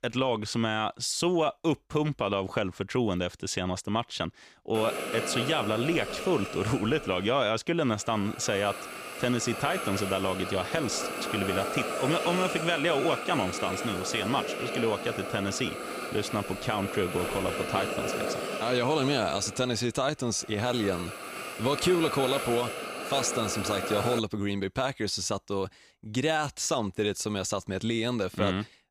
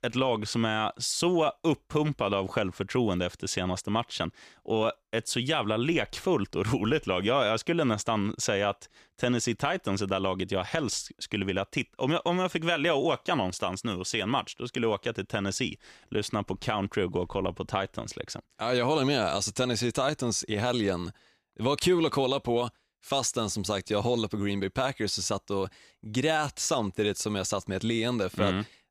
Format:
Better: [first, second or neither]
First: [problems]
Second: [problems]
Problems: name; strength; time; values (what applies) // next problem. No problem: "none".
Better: second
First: hiss; loud; from 5 to 24 s; 5 dB below the speech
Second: none